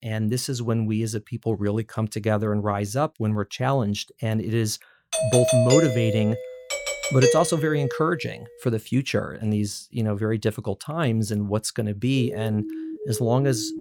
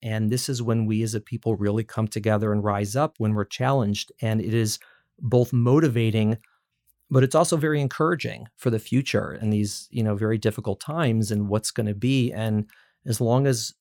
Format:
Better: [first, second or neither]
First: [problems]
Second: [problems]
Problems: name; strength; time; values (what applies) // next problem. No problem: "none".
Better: second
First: doorbell; loud; from 5 to 8 s; peak 5 dB above the speech // siren; noticeable; from 12 s on; peak 8 dB below the speech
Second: none